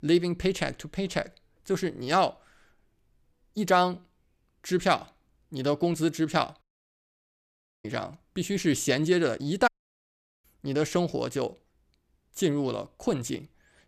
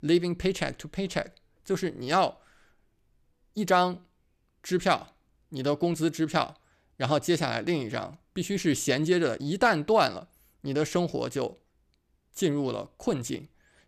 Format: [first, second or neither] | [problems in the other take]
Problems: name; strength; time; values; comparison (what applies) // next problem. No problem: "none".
second | audio cutting out; at 6.5 s for 1 s and at 9.5 s for 1 s